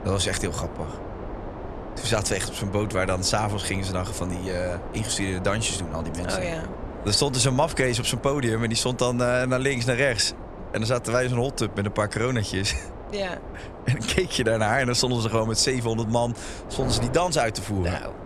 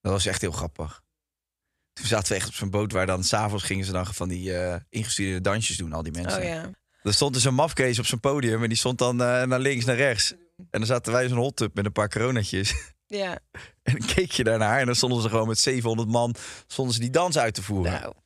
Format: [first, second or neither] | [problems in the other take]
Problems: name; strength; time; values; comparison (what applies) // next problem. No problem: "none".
second | wind noise on the microphone; occasional gusts; 15 dB below the speech